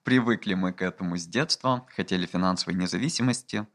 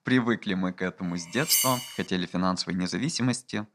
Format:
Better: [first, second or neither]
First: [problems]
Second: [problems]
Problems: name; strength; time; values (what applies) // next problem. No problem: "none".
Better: first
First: none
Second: clattering dishes; loud; at 1.5 s; peak 5 dB above the speech